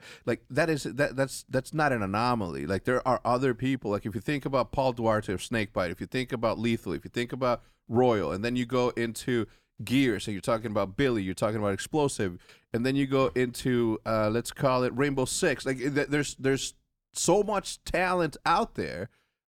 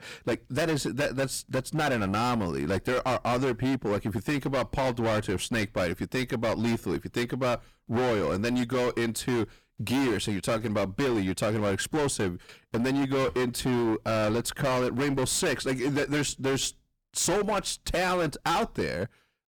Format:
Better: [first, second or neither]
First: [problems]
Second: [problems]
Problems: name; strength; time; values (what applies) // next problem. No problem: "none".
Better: first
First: none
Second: distortion; heavy; 22% of the sound clipped